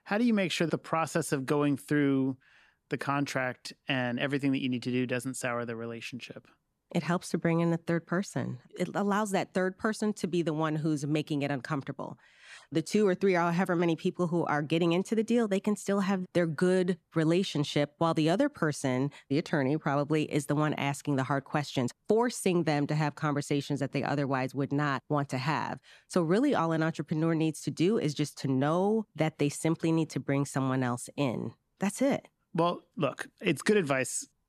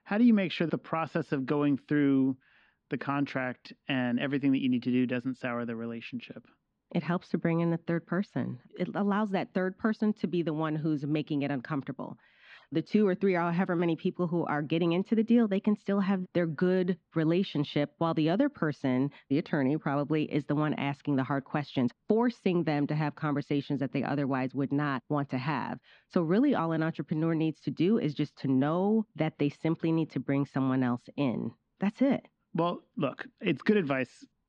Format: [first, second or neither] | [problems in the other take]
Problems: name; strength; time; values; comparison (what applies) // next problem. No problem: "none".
first | muffled; slightly; fading above 4 kHz